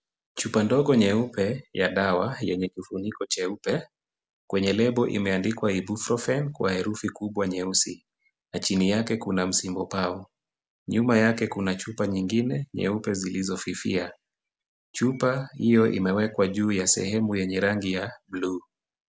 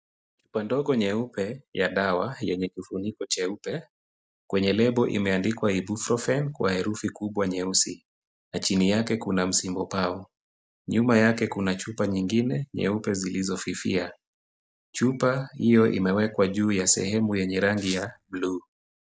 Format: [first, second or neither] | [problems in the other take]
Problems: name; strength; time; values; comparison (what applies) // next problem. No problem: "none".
first | noise reduction (neural mask model DeepFilterNet 3)